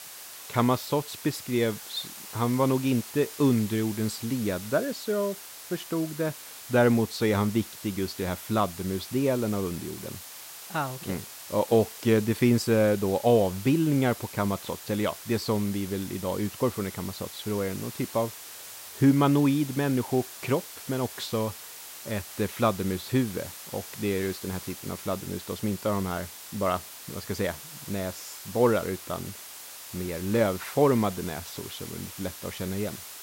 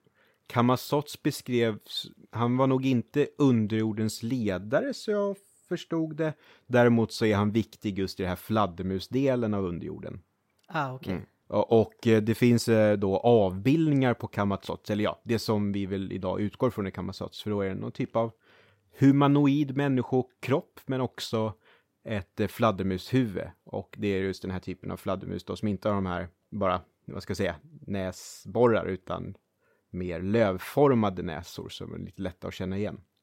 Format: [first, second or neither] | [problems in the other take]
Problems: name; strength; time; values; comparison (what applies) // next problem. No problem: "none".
second | hiss; noticeable; throughout; 10 dB below the speech